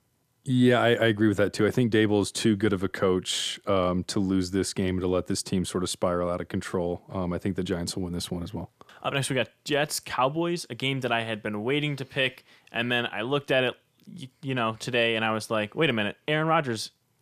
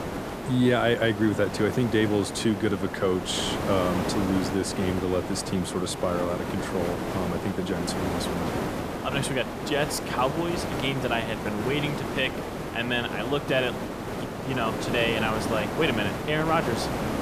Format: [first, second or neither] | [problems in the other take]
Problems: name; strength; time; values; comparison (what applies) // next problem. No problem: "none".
first | hiss; loud; throughout; 4 dB below the speech